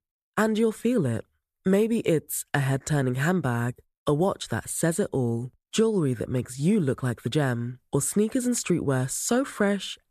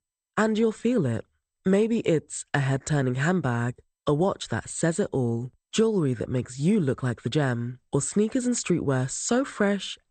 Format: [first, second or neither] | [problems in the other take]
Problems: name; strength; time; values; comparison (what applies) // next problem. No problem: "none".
first | garbled, watery; slightly; nothing above 8.5 kHz